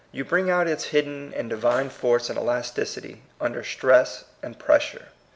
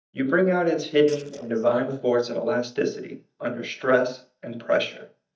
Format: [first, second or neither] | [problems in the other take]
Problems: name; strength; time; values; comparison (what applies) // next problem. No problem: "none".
first | noise reduction (neural mask model DeepFilterNet 3)